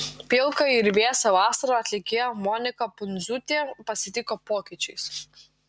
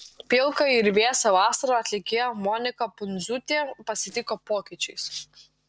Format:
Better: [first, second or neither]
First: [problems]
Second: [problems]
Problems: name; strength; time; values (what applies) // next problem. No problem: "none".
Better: first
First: none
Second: noise reduction (neural separator model SepFormer DNS4)